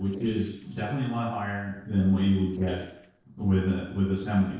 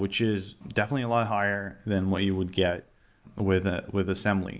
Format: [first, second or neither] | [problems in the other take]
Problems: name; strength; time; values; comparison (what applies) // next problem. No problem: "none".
second | noise reduction (neural separator model SepFormer DNS4)